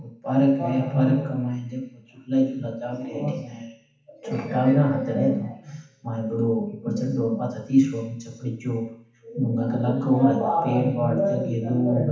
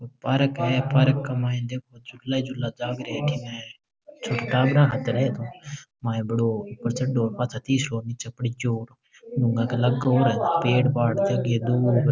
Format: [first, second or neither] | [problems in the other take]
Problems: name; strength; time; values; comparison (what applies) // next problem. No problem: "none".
second | room echo; dies away in 0.7 s